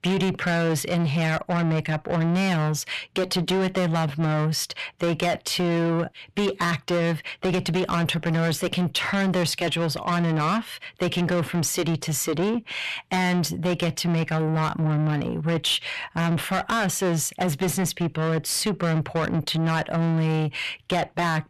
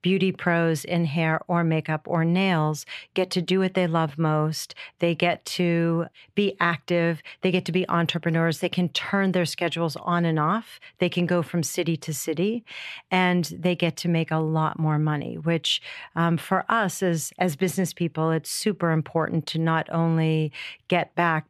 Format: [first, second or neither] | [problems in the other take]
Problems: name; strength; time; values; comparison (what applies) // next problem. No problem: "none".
second | distortion; heavy; 7 dB below the speech